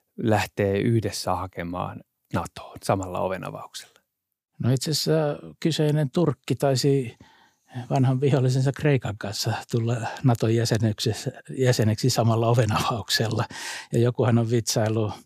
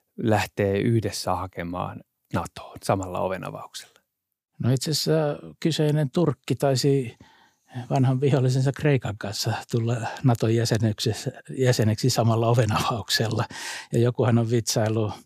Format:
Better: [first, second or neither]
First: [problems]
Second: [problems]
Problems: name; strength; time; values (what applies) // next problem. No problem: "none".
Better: neither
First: none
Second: none